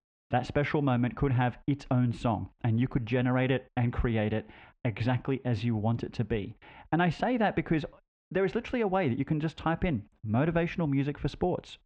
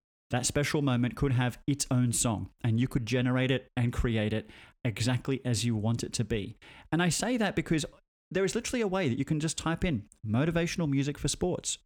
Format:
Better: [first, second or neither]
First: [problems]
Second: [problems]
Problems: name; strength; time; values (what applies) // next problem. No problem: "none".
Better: second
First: muffled; very; fading above 2.5 kHz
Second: none